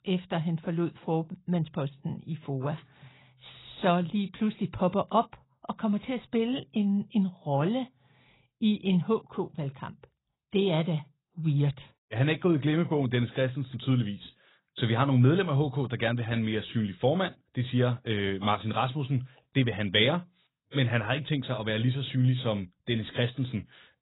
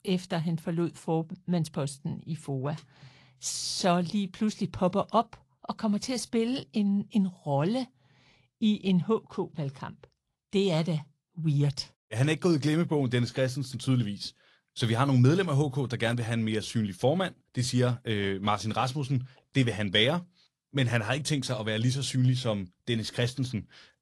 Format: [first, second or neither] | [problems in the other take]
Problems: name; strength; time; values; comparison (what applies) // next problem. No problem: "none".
second | garbled, watery; badly; nothing above 4 kHz; slightly in the second